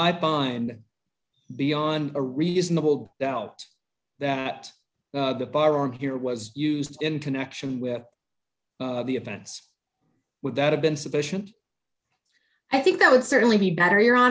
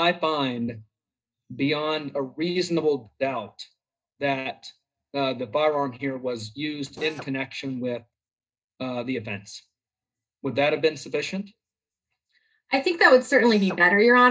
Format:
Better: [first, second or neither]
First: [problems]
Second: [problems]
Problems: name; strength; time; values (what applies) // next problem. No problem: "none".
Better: first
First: none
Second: noise reduction (neural mask model DeepFilterNet 3)